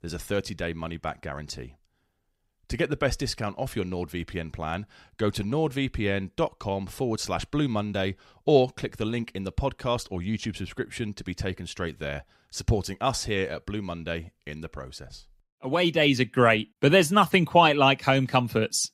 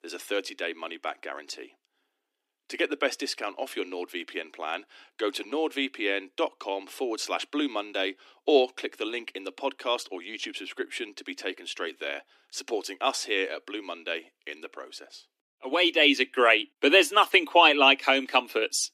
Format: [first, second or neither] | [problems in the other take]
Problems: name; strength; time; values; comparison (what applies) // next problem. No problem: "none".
first | thin; somewhat; fading below 300 Hz